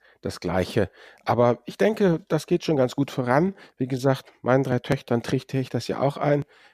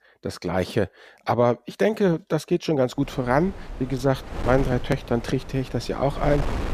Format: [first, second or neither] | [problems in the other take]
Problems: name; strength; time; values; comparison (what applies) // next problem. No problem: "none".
first | wind noise on the microphone; occasional gusts; from 3 s on; 15 dB below the speech